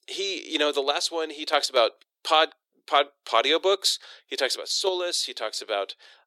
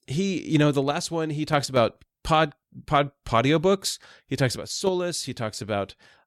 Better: second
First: thin; very; fading below 350 Hz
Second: none

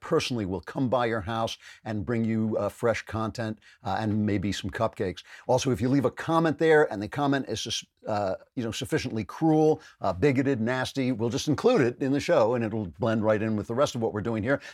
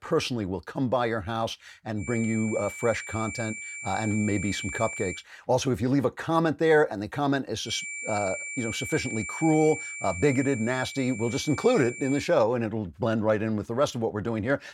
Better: first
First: none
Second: high-pitched whine; loud; from 2 to 5 s and from 7.5 to 12 s; 2.5 kHz, 8 dB below the speech

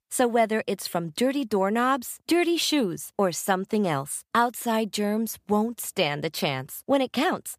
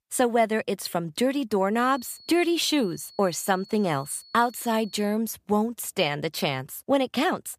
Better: first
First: none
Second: high-pitched whine; faint; from 2 to 5 s; 4.5 kHz, 25 dB below the speech

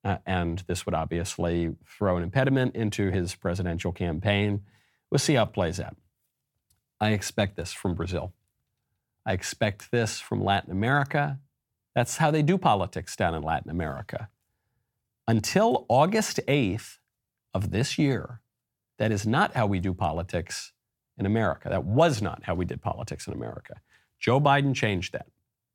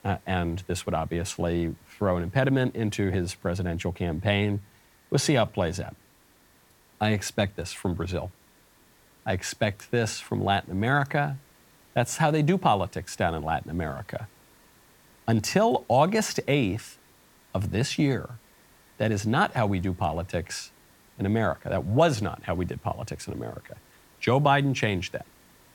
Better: first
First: none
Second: hiss; faint; throughout; 30 dB below the speech

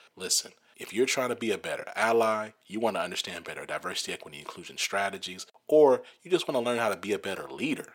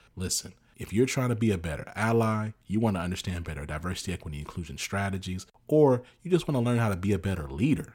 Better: second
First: thin; somewhat; fading below 450 Hz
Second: none

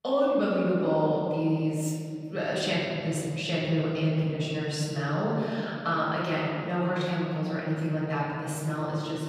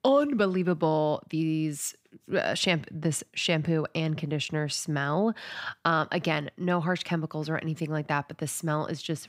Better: second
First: room echo; strong; dies away in 2.5 s // off-mic speech; far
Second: none

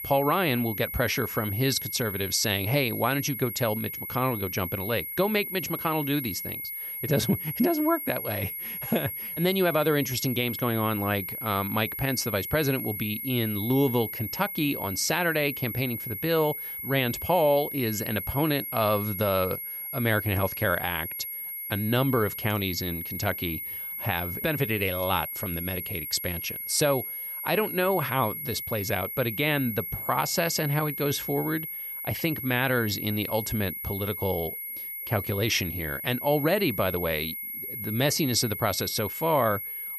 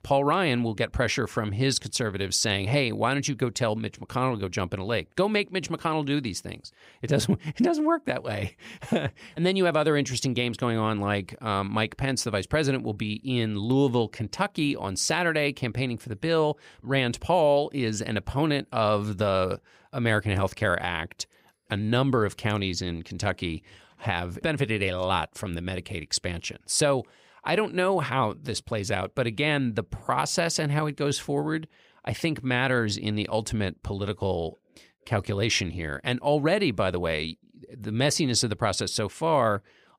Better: second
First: high-pitched whine; loud; throughout; 11.5 kHz, 5 dB below the speech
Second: none

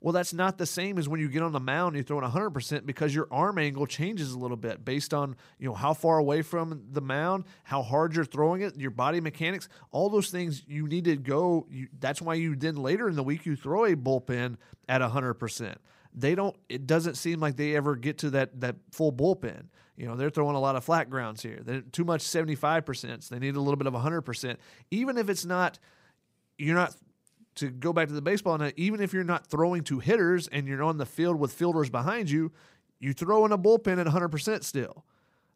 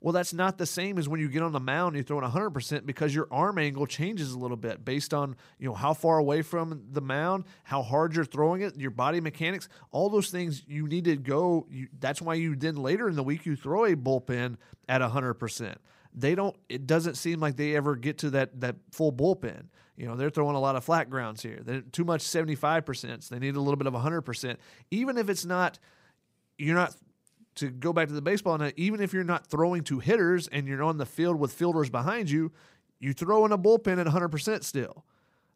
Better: neither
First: none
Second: none

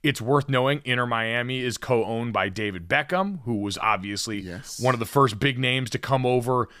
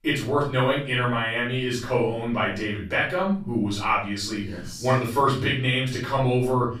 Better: first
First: none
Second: off-mic speech; far // room echo; noticeable; dies away in 0.4 s

